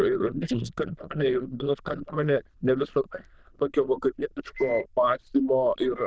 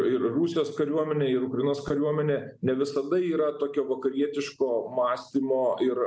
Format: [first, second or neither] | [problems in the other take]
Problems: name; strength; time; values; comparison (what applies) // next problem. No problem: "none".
second | noise reduction (neural diffusion model UNIVERSE++)